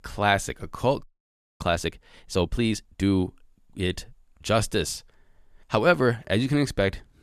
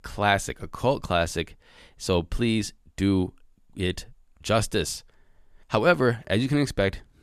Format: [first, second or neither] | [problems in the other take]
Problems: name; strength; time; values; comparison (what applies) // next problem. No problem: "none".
second | audio freezing; at 1 s for 0.5 s